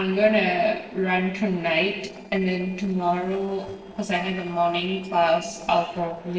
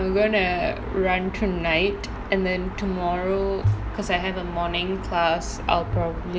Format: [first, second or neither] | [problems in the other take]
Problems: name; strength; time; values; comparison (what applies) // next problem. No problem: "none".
second | noise reduction (neural separator model SepFormer DNS4)